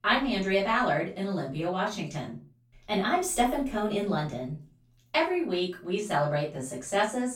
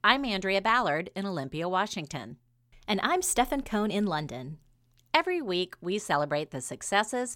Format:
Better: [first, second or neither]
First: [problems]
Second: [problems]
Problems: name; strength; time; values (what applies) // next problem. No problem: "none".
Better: second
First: off-mic speech; far // room echo; slight; dies away in 0.3 s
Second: none